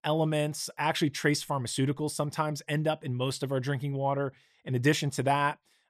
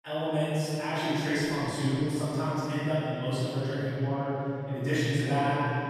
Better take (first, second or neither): first